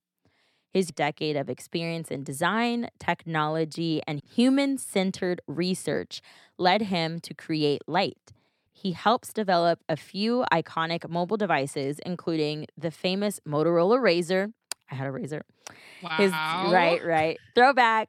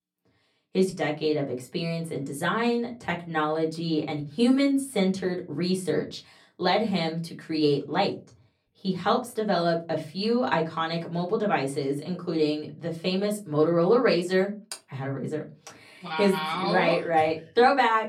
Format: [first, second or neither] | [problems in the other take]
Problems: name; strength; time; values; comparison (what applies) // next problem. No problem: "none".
first | off-mic speech; far // room echo; very slight; dies away in 0.2 s